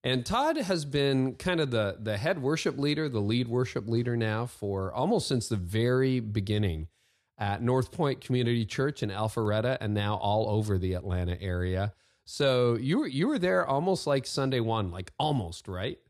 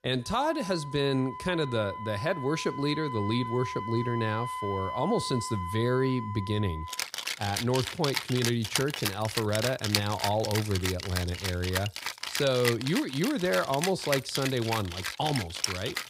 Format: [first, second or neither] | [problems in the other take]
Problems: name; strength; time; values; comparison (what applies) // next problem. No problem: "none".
first | background music; loud; throughout; 4 dB below the speech